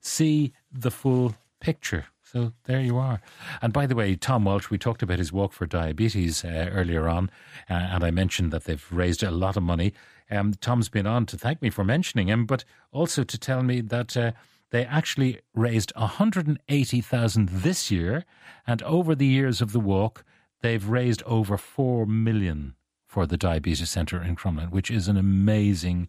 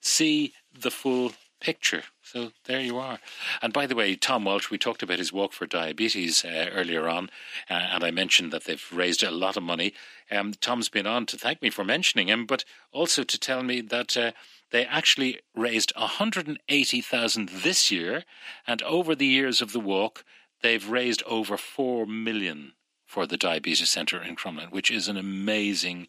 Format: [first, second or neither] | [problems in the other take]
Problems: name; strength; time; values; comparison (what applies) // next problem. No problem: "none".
first | thin; somewhat; fading below 250 Hz